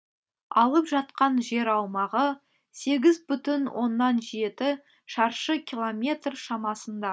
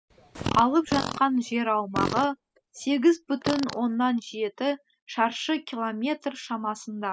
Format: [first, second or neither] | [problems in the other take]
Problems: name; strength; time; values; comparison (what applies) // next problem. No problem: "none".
first | noise reduction (classical method spectral subtraction)